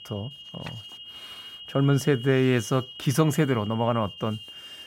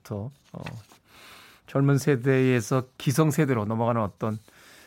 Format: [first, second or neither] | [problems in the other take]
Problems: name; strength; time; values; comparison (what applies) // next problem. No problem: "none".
second | high-pitched whine; noticeable; throughout; 3 kHz, 15 dB below the speech